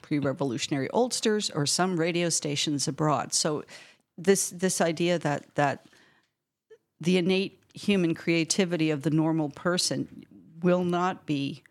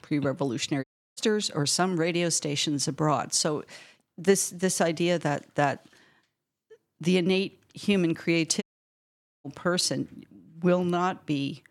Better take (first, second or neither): first